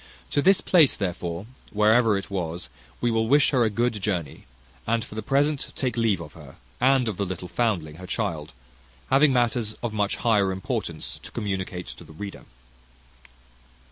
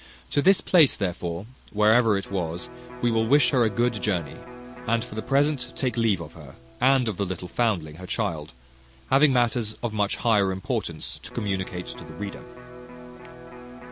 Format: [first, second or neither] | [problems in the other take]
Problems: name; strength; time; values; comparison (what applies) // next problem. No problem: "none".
first | background sound (Electric guitar); 18 dB below the speech